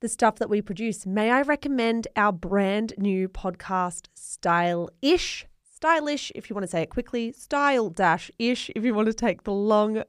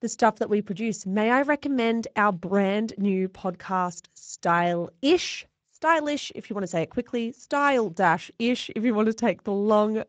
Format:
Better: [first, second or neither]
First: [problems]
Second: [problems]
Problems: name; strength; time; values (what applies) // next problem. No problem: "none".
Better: first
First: none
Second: garbled, watery; slightly; nothing above 7.5 kHz